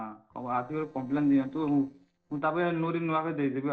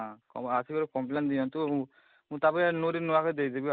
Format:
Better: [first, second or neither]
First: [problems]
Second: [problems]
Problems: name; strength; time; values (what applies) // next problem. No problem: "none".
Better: second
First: noise reduction (neural separator model SepFormer DNS4)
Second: none